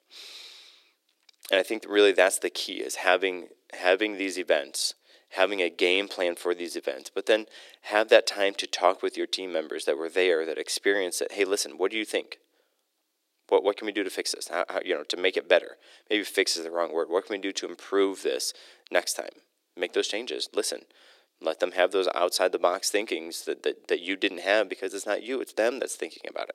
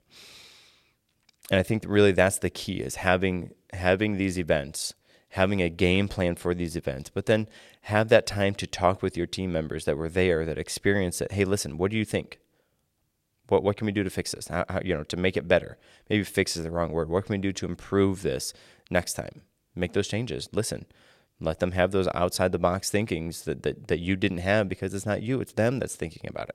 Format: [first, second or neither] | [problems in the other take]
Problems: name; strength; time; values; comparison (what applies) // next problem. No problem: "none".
second | thin; somewhat; fading below 300 Hz